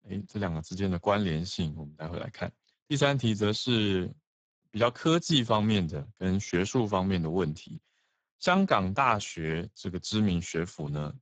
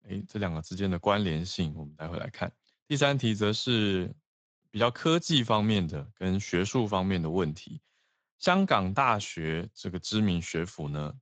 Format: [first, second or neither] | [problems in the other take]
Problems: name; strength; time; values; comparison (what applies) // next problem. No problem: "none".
second | garbled, watery; badly; nothing above 7.5 kHz; slightly in the second